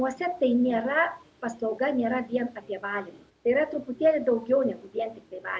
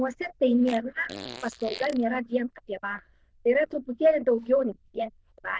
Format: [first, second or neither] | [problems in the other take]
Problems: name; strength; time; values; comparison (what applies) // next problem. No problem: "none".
first | noise reduction (neural diffusion model UNIVERSE++)